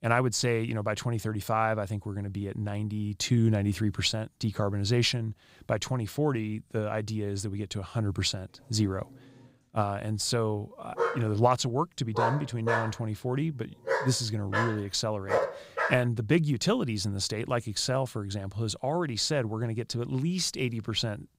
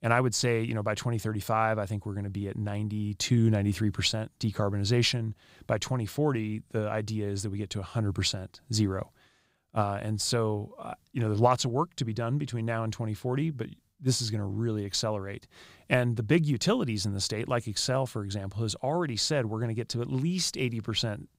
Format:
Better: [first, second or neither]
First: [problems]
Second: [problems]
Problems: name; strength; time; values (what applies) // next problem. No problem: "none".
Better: second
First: dog barking; loud; from 11 to 16 s; peak level with the speech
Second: none